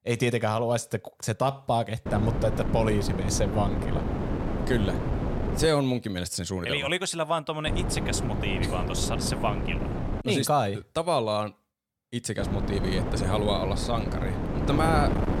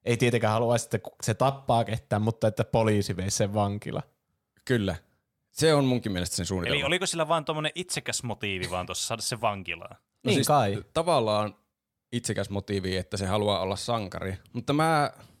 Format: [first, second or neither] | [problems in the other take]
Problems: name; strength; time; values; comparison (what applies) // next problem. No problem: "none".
second | wind noise on the microphone; heavy; from 2 to 5.5 s, from 7.5 to 10 s and from 12 s on; 6 dB below the speech